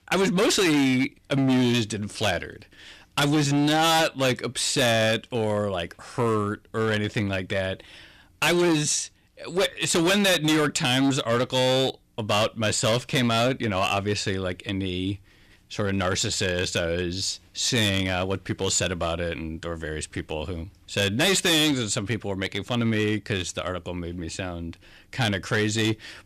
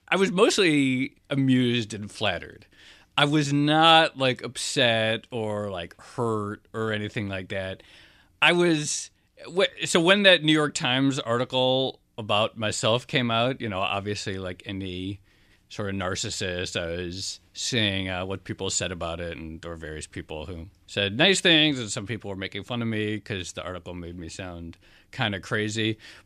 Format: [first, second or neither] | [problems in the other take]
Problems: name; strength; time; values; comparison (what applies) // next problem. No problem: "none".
second | distortion; heavy; 11% of the sound clipped